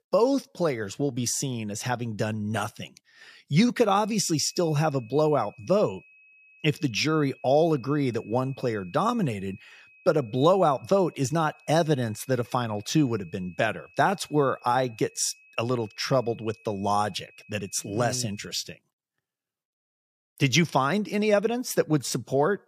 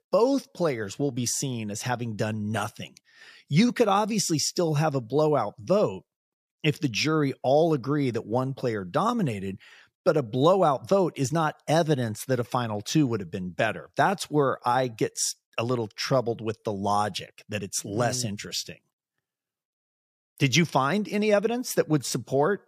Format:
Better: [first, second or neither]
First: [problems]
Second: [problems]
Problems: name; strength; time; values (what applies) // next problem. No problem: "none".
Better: second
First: high-pitched whine; faint; from 4 to 18 s; 2.5 kHz, 25 dB below the speech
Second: none